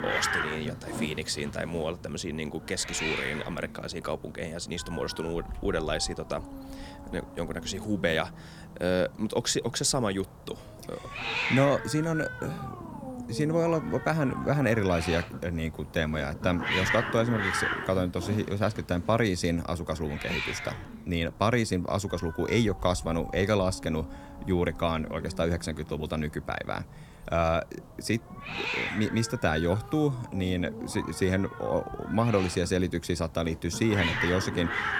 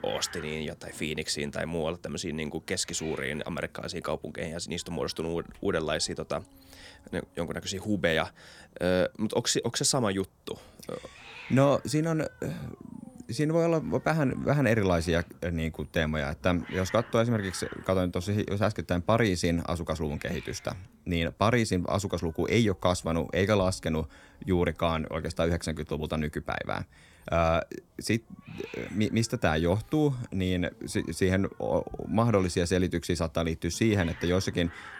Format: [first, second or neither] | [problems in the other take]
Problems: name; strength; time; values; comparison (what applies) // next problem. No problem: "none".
second | hiss; loud; throughout; 6 dB below the speech; faint in the second